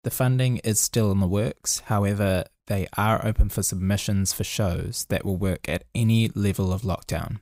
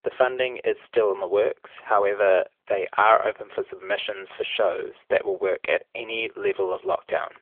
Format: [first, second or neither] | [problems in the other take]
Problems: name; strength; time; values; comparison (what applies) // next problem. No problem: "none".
first | phone-call audio; nothing above 3.5 kHz